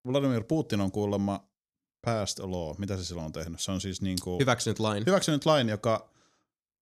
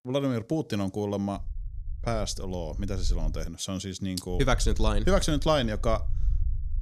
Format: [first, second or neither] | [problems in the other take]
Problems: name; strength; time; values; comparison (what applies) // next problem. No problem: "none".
first | low rumble; faint; from 1.5 to 3.5 s and from 4.5 s on; 25 dB below the speech